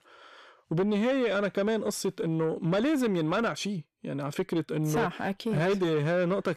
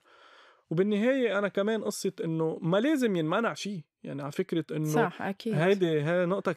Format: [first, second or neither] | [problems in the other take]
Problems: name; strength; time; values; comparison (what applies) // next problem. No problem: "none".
second | distortion; slight; 10 dB below the speech